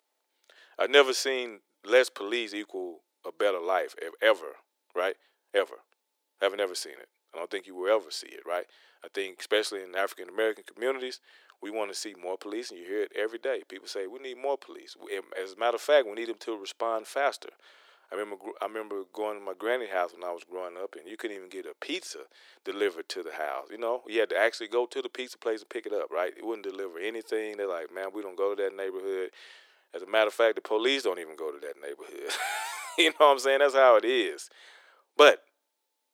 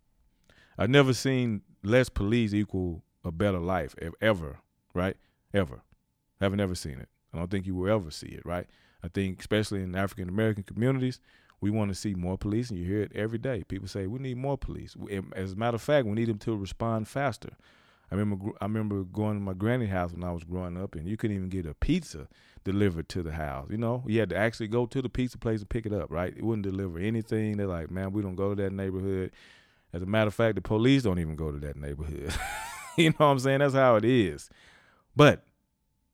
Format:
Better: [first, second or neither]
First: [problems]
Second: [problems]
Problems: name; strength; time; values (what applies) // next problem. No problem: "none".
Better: second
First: thin; very; fading below 400 Hz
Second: none